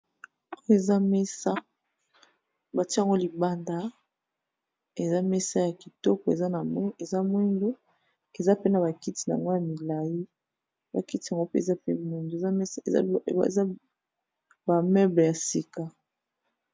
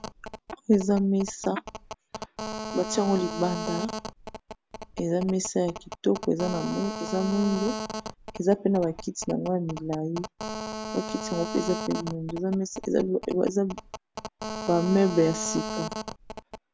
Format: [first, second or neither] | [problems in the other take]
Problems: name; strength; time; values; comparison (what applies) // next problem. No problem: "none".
first | background sound (Telephone); 9 dB below the speech